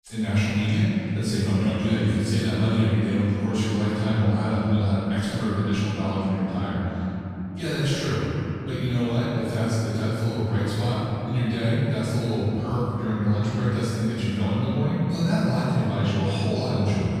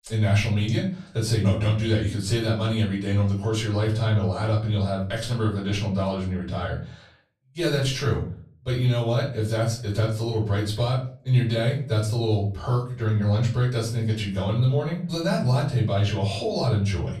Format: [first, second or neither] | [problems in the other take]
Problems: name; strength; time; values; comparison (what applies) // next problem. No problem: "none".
second | room echo; strong; dies away in 3 s; slight in the second // off-mic speech; far; far in the second